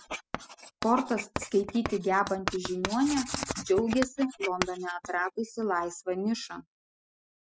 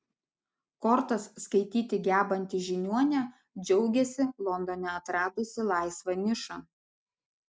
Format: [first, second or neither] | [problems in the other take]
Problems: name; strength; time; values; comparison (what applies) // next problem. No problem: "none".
second | noise reduction (classical method spectral subtraction)